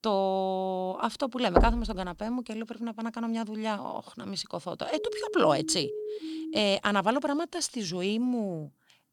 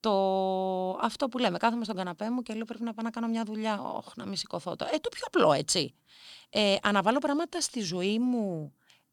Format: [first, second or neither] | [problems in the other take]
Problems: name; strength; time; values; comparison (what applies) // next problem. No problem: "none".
second | door banging; loud; at 1.5 s; peak 4 dB above the speech // siren; noticeable; from 5 to 6.5 s; peak 6 dB below the speech